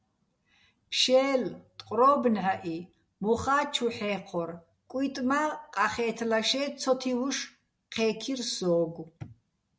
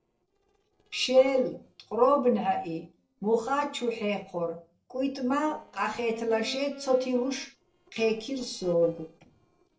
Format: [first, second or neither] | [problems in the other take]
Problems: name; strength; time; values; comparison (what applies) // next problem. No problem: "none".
first | noise reduction (neural separator model SepFormer DNS4)